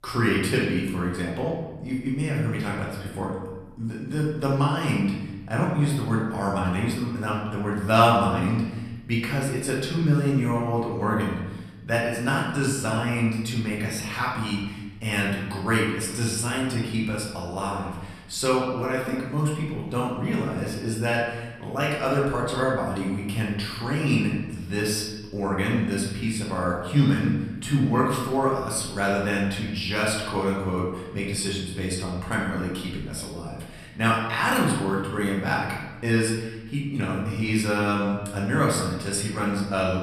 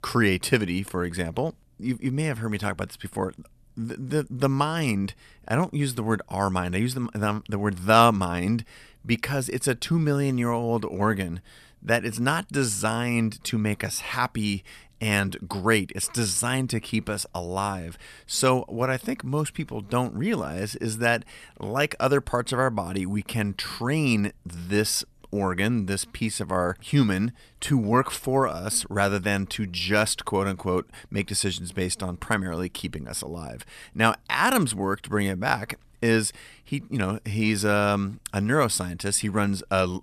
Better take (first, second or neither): second